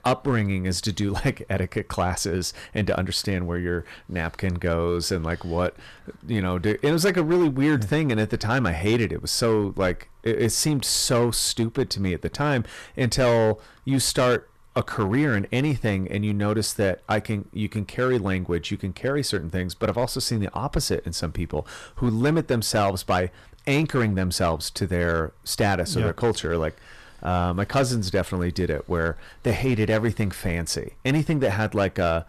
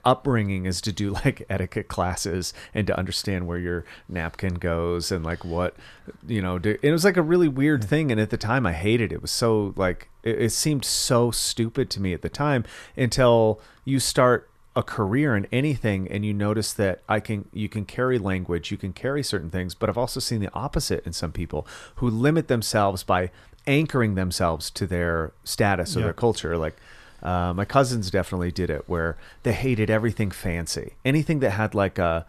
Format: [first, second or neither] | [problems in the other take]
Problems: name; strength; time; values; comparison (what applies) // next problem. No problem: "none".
second | distortion; slight; 5% of the sound clipped